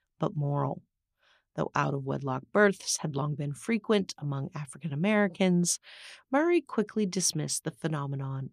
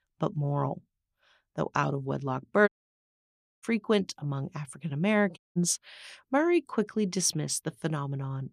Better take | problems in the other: first | audio cutting out; at 2.5 s for 1 s and at 5.5 s

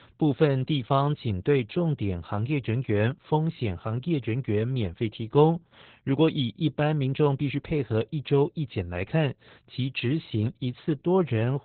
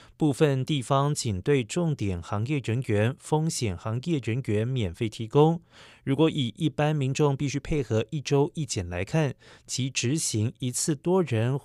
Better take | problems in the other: second | garbled, watery; badly; nothing above 4 kHz

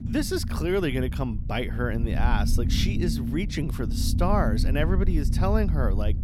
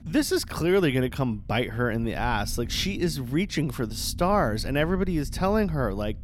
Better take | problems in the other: second | low rumble; loud; throughout; 10 dB below the speech; faint in the second

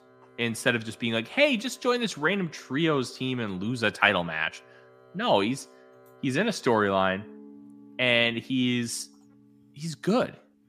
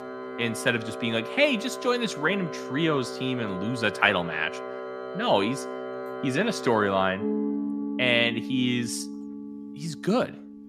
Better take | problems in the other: first | background music; loud; throughout; 8 dB below the speech; faint in the first

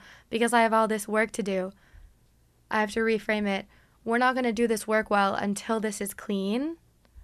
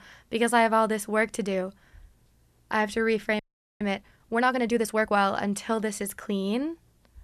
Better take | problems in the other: first | audio freezing; at 3.5 s

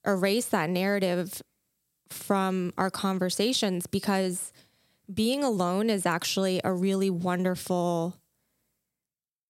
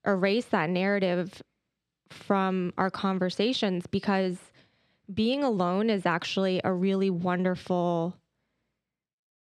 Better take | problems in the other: first | muffled; very slightly; fading above 3 kHz

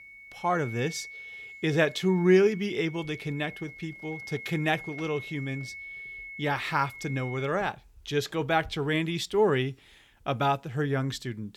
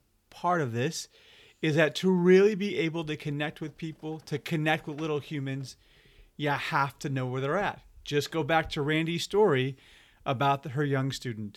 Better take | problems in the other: second | high-pitched whine; noticeable; until 7.5 s; 2 kHz, 15 dB below the speech

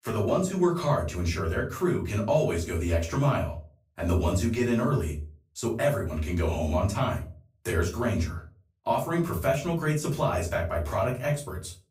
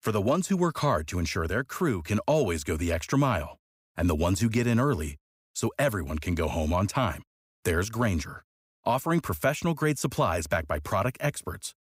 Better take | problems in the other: second | room echo; slight; dies away in 0.3 s // off-mic speech; far

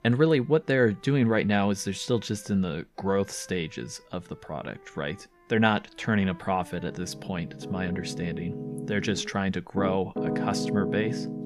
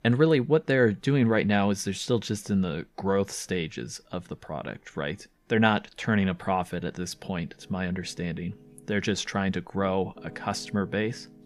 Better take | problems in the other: second | background music; loud; throughout; 6 dB below the speech; faint in the second

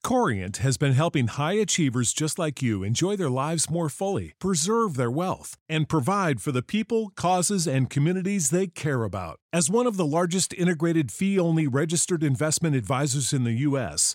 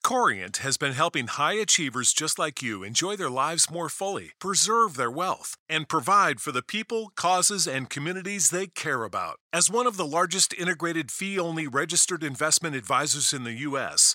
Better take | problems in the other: first | thin; somewhat; fading below 850 Hz

